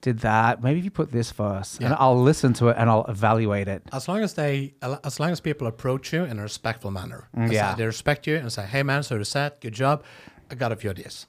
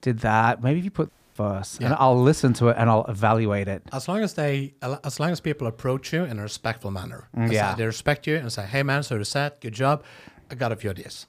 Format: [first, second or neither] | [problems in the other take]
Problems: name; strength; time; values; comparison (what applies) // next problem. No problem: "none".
first | audio cutting out; at 1 s